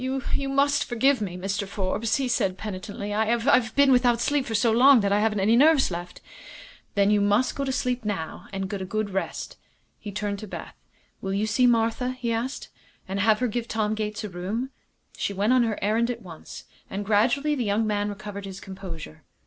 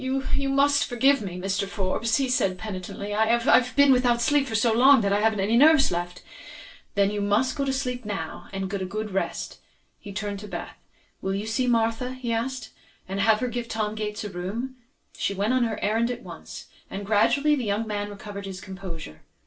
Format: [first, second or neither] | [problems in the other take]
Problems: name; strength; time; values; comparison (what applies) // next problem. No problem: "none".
first | room echo; dies away in 0.2 s